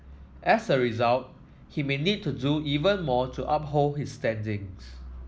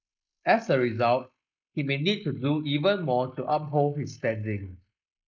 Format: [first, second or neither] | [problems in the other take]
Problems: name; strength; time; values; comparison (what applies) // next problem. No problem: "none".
first | noise reduction (neural mask model Resemble Enhance denoiser)